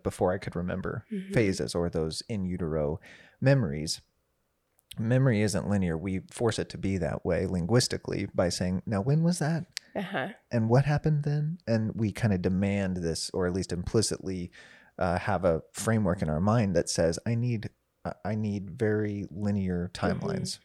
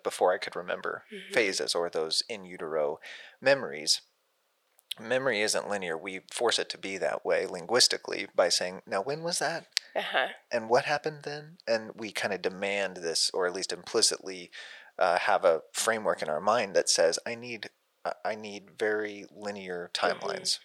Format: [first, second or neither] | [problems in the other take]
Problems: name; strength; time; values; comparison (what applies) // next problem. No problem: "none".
first | thin; very; fading below 650 Hz